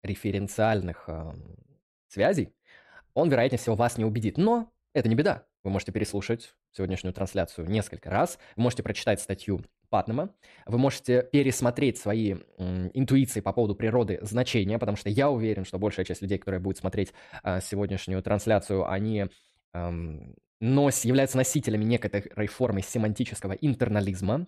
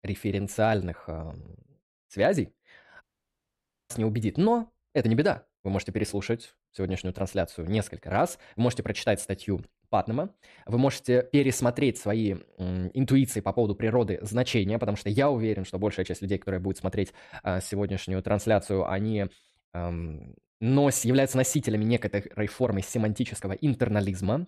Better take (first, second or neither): first